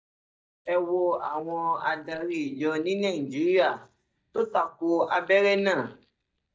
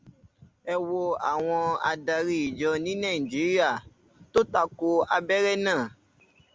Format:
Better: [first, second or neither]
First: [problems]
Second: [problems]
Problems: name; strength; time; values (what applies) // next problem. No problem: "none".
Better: second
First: noise reduction (neural mask model DeepFilterNet 3)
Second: none